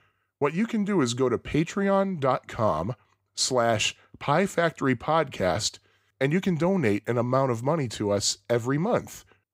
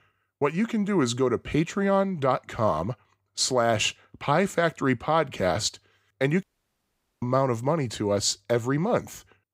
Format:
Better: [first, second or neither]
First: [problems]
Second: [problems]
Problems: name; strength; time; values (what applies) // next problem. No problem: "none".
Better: first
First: none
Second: audio cutting out; at 6.5 s for 1 s